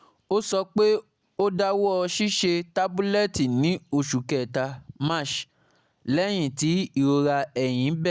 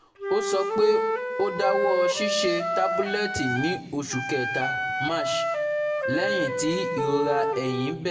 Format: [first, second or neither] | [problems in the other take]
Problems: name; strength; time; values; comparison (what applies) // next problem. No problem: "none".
first | background sound (Wind instrument, woodwind instrument); as loud as the speech // room echo; dies away in 1 s